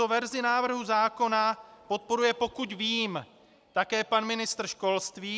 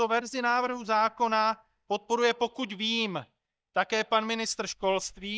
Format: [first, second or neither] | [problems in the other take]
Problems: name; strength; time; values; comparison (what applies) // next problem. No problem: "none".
first | noise reduction (neural mask model DeepFilterNet 3)